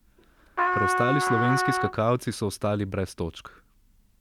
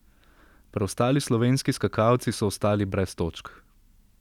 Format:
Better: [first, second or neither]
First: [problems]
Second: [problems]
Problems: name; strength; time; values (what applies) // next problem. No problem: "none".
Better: second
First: background sound (Trumpet); 2 dB above the speech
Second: none